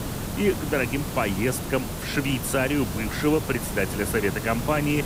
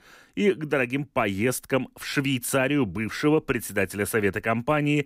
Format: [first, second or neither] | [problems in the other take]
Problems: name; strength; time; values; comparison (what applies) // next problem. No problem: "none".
second | hiss; loud; throughout; 6 dB below the speech